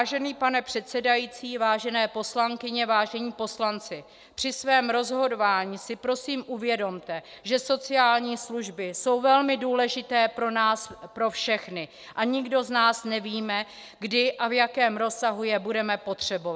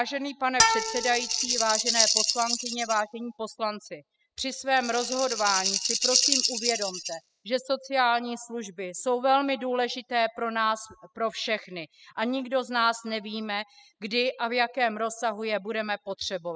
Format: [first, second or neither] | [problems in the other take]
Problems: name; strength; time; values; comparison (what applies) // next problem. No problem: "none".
first | noise reduction (classical method spectral subtraction)